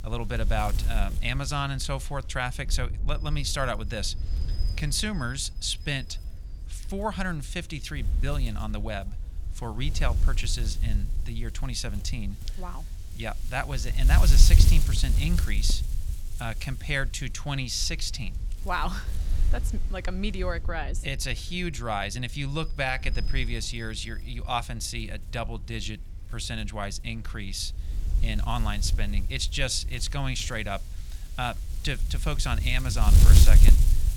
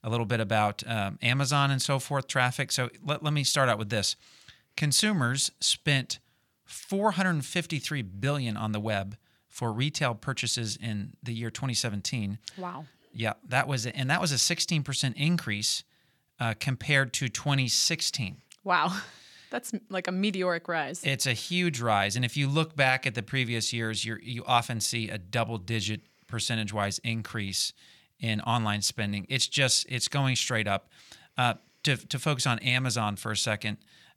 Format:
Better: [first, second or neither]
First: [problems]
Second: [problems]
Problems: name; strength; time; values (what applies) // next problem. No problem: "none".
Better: second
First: wind noise on the microphone; occasional gusts; 10 dB below the speech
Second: none